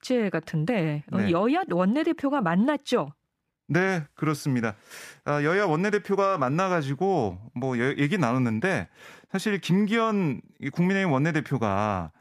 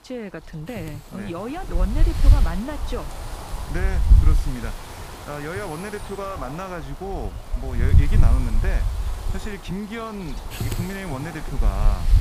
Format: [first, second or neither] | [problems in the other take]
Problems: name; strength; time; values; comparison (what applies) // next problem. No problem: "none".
first | wind noise on the microphone; heavy; 4 dB below the speech